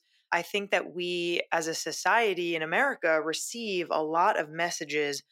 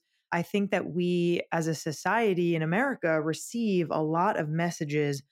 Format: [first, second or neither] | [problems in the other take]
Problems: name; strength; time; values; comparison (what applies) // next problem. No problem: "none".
second | thin; somewhat; fading below 450 Hz